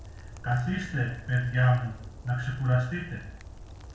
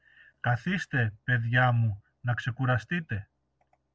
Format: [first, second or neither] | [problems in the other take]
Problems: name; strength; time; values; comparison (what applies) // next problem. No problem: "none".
second | background sound (Rain); 15 dB below the speech // room echo; dies away in 0.5 s